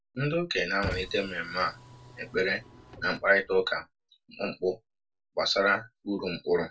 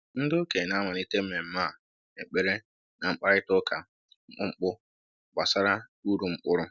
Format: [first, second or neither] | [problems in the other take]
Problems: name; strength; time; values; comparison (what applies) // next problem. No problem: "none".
second | background sound (Car); 13 dB below the speech // room echo; dies away in 0.1 s